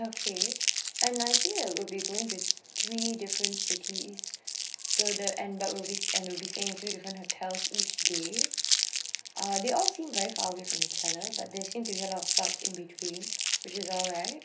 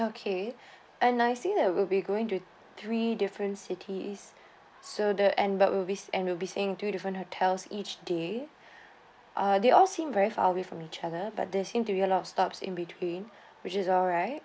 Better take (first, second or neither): second